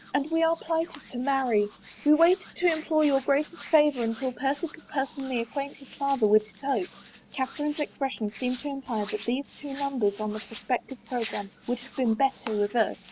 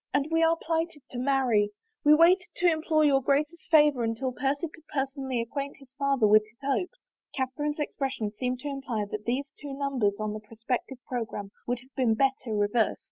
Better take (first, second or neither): second